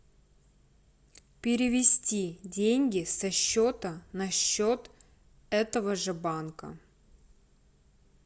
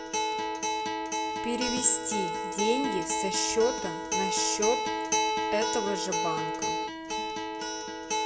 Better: first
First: none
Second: background sound (Acoustic guitar); 2 dB above the speech // room echo; dies away in 1.9 s

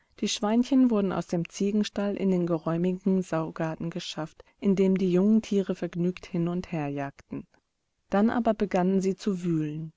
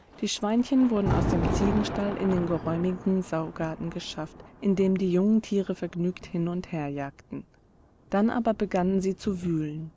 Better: first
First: none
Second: background sound (Thunder); 8 dB below the speech

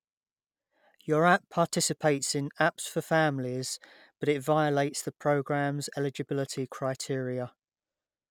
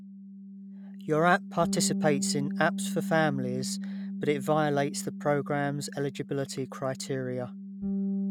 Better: first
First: none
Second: background sound (Bass guitar); 5 dB below the speech

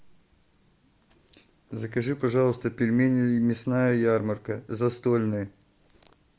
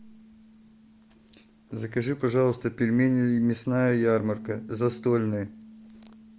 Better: first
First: none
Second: background sound (Bass guitar); 20 dB below the speech

